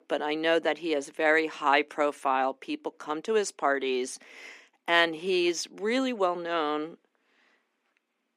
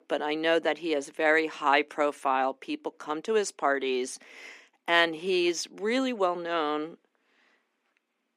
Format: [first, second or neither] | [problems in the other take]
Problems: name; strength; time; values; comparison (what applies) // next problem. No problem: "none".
neither | thin; somewhat; fading below 250 Hz; the same in both